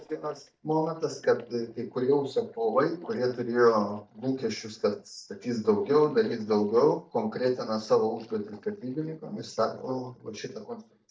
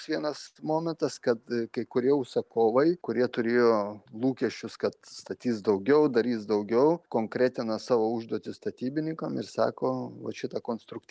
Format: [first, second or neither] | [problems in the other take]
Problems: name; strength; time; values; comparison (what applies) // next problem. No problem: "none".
second | noise reduction (neural mask model DeepFilterNet 3)